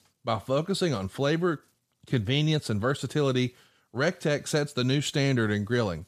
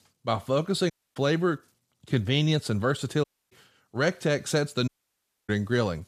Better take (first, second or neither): first